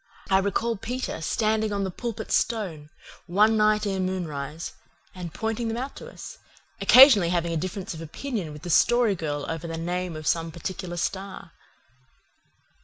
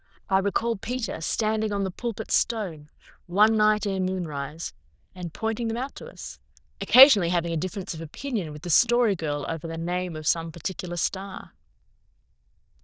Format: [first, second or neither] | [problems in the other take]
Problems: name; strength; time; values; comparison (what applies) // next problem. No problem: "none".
first | noise reduction (neural diffusion model UNIVERSE++)